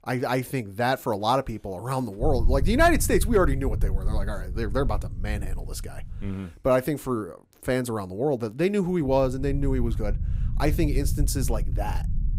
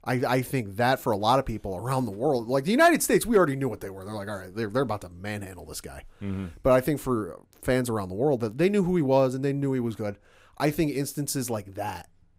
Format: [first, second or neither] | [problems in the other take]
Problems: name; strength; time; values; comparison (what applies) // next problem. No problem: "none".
second | low rumble; noticeable; from 2 to 6.5 s and from 9 s on; 20 dB below the speech